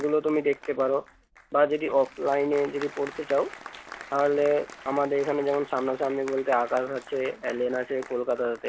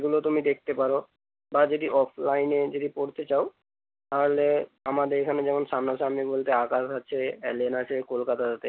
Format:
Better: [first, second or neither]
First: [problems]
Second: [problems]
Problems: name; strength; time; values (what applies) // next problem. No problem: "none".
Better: second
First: background sound (Applause); 18 dB below the speech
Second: none